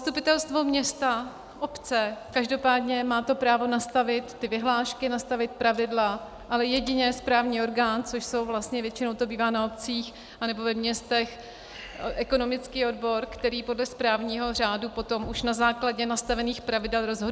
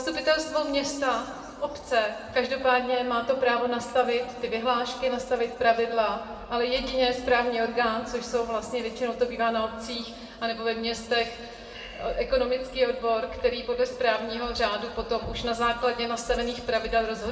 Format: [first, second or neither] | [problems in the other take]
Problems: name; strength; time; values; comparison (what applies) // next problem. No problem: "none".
first | room echo; dies away in 2.4 s